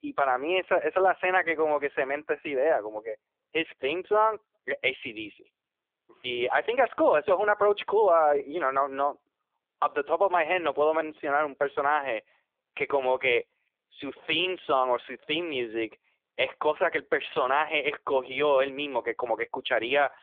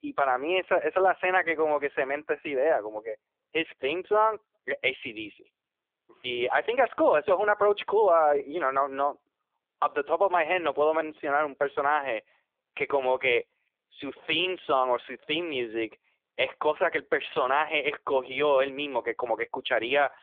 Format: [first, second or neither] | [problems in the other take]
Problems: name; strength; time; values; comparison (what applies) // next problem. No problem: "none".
neither | phone-call audio; poor line; nothing above 3.5 kHz; the same in both